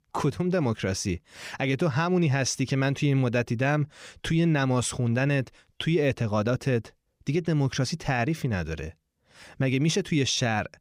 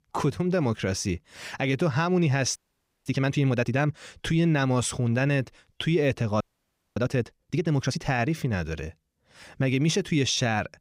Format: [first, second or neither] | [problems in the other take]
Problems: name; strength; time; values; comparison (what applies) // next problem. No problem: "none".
first | audio freezing; at 2.5 s for 0.5 s and at 6.5 s for 0.5 s